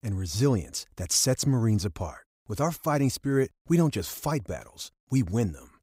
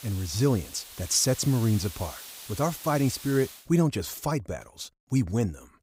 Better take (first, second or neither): first